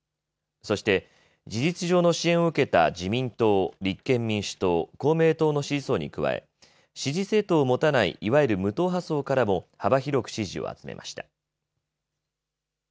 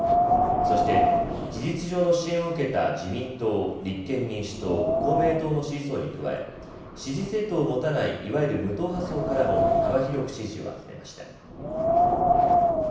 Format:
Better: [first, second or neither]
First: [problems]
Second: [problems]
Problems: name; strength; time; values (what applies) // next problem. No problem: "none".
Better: first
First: none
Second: background sound (Wind); 1 dB above the speech // room echo; dies away in 0.9 s